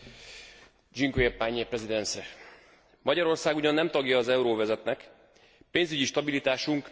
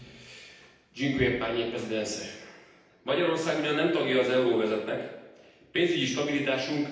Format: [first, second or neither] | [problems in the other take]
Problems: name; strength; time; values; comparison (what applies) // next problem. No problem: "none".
first | room echo; dies away in 0.9 s